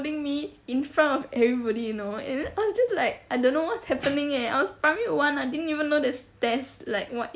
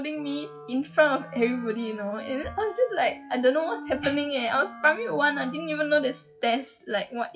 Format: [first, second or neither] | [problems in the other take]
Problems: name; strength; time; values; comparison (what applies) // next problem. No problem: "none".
first | noise reduction (classical method WPE with log-MMSE)